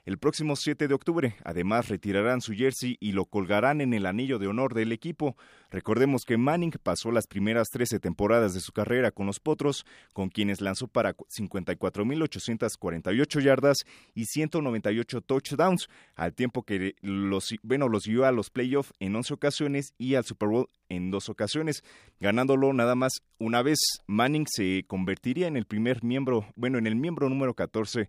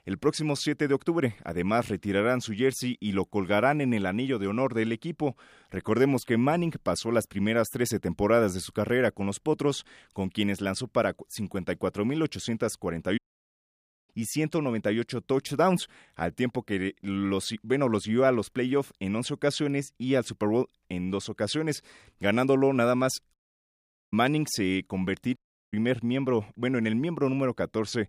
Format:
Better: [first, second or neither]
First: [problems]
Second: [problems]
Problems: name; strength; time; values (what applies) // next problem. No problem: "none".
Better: first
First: none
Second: audio cutting out; at 13 s for 1 s, at 23 s for 1 s and at 25 s